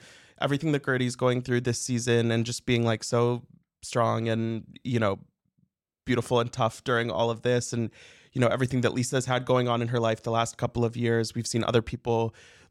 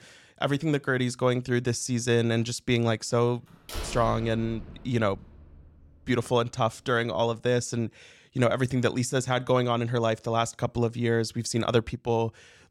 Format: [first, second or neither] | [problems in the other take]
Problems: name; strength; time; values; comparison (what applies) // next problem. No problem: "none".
first | door banging; noticeable; from 3.5 to 5.5 s; peak 9 dB below the speech